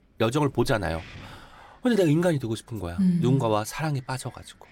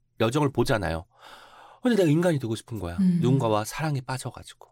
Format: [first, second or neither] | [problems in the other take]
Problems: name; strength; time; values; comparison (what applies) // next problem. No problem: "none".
second | wind noise on the microphone; occasional gusts; 20 dB below the speech